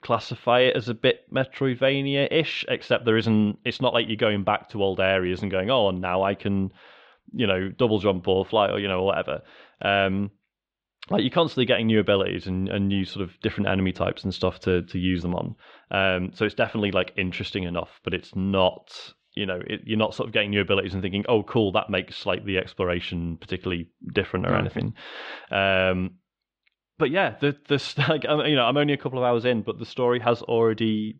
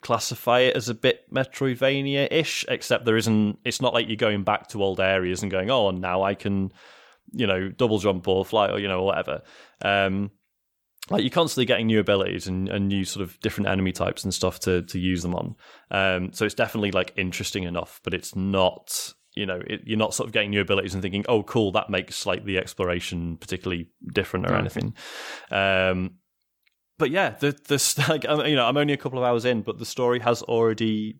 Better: second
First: muffled; slightly; fading above 3.5 kHz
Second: none

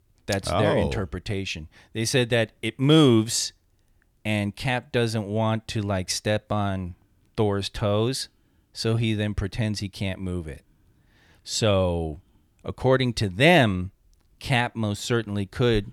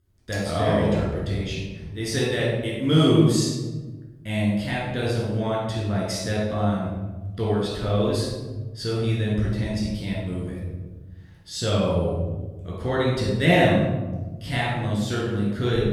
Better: first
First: none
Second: off-mic speech; far // room echo; strong; dies away in 1.5 s

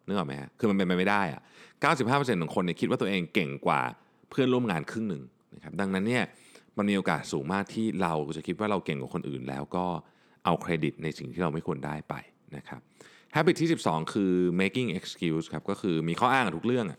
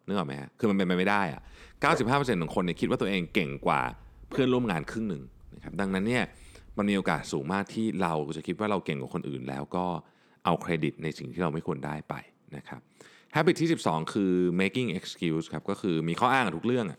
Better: first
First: none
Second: dog barking; noticeable; from 1.5 to 7 s; peak 9 dB below the speech

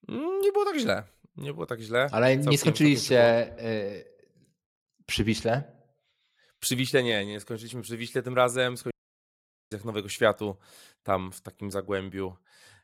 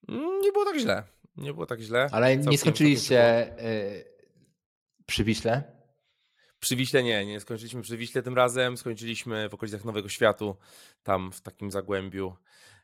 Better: second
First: audio cutting out; at 9 s for 1 s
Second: none

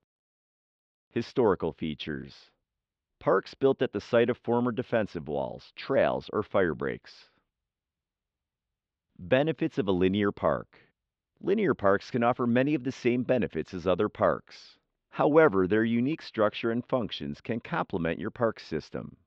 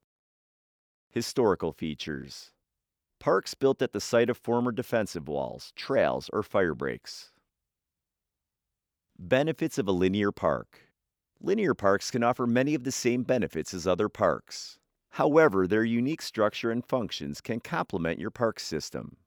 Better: second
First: muffled; slightly; fading above 3.5 kHz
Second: none

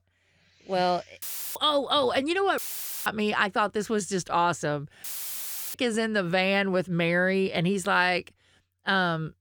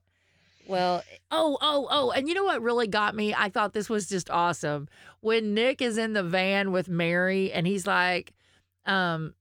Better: second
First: audio cutting out; filled with static; at 1 s, at 2.5 s and at 5 s for 0.5 s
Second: none

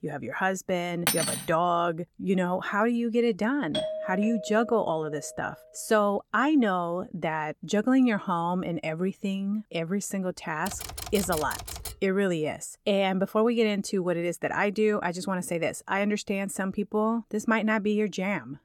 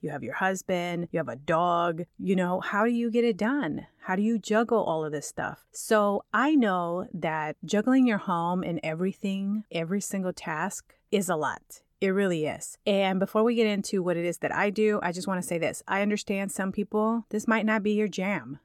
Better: second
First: clattering dishes; loud; at 1 s; peak 2 dB above the speech // doorbell; noticeable; from 3.5 to 5.5 s; peak 4 dB below the speech // keyboard typing; noticeable; from 11 to 12 s; peak 7 dB below the speech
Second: none

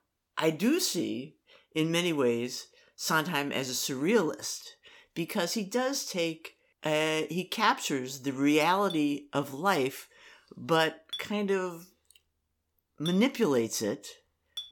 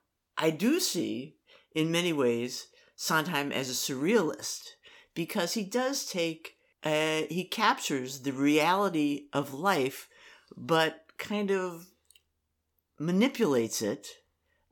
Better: second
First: clattering dishes; faint; from 9 s on; peak 10 dB below the speech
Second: none

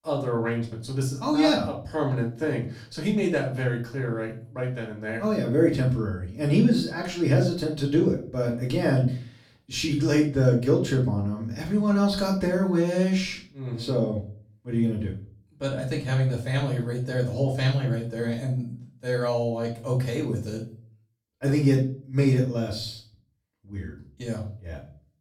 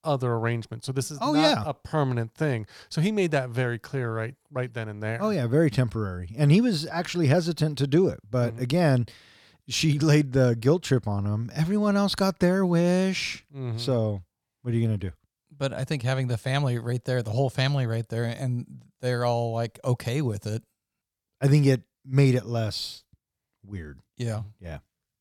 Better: second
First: off-mic speech; far // room echo; slight; dies away in 0.4 s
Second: none

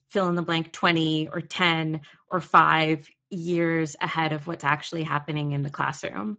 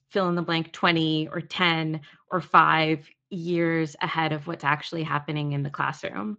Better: second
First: garbled, watery; badly; nothing above 7.5 kHz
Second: garbled, watery; slightly

